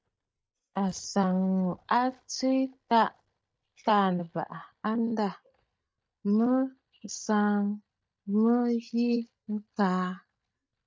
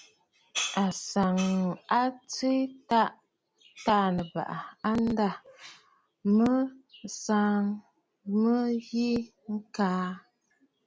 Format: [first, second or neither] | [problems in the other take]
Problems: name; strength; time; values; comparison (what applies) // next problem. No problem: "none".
second | noise reduction (neural mask model DeepFilterNet 3)